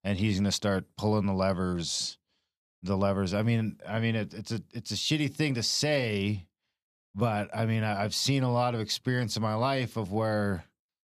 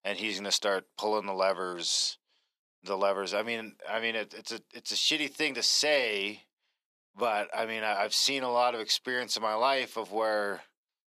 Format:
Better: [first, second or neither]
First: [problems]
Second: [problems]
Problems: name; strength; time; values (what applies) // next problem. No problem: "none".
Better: first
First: none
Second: thin; very; fading below 400 Hz